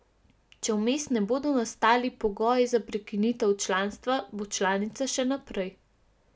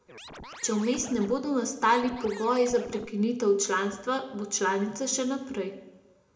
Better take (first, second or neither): first